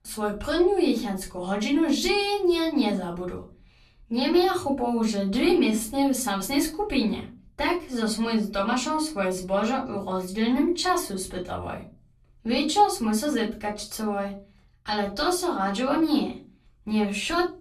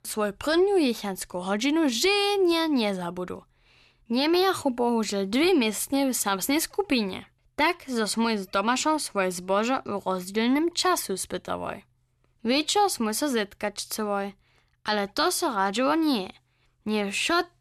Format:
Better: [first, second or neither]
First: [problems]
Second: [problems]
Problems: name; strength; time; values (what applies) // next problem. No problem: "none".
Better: second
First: off-mic speech; far // room echo; very slight; dies away in 0.4 s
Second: none